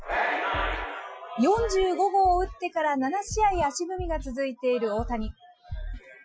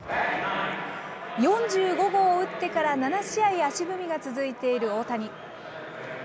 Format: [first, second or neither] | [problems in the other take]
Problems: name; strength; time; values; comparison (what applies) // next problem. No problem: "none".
second | noise reduction (classical method Wiener filter)